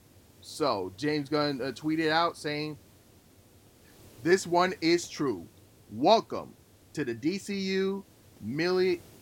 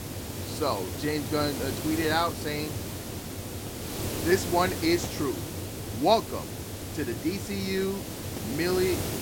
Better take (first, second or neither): first